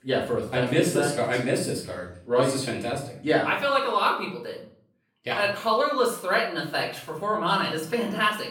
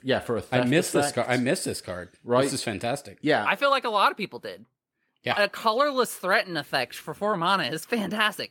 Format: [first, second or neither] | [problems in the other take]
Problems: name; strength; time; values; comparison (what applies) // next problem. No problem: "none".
second | off-mic speech; far // room echo; slight; dies away in 0.5 s